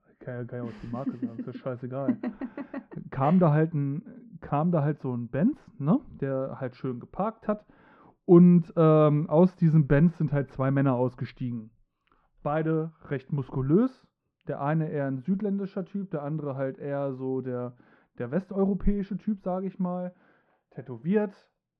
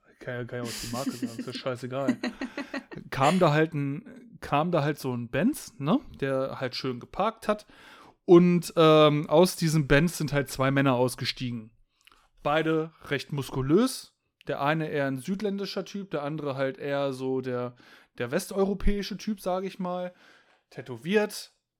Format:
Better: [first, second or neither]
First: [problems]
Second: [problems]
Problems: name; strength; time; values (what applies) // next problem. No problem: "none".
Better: second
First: muffled; very; fading above 1 kHz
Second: none